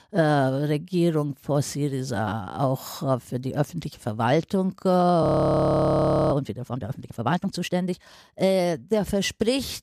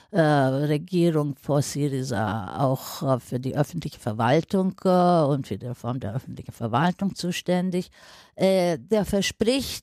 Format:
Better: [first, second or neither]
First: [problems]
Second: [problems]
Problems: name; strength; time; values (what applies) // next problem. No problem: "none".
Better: second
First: audio freezing; at 5 s for 1 s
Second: none